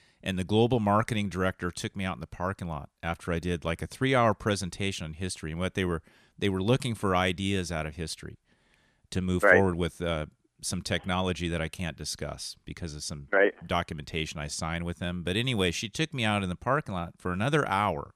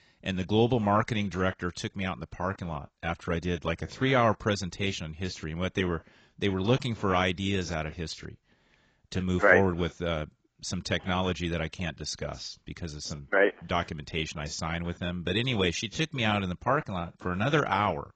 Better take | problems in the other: first | garbled, watery; badly; nothing above 7.5 kHz

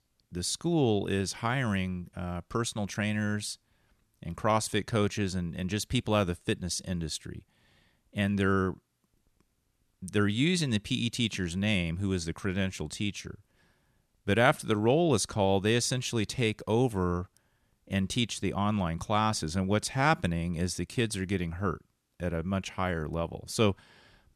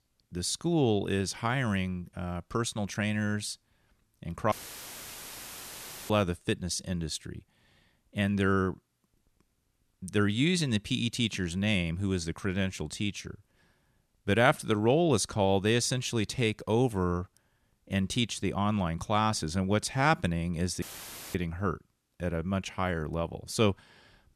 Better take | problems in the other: first | audio cutting out; filled with static; at 4.5 s for 1.5 s and at 21 s for 0.5 s

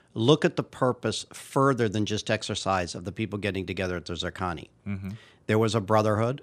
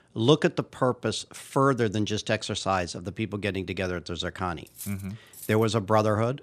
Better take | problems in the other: first | clattering dishes; faint; at 4.5 s; peak 15 dB below the speech

